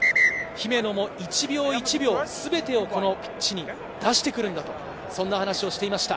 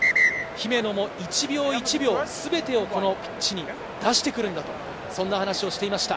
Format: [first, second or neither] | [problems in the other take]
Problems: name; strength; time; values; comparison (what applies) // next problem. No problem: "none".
first | background sound (Waves, surf); 17 dB below the speech